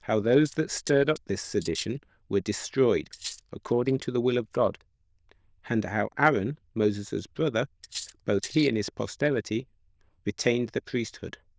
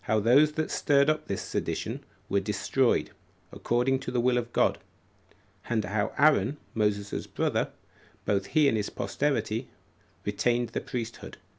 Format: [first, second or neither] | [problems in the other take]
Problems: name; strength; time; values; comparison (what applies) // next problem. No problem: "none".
second | noise reduction (neural diffusion model UNIVERSE++)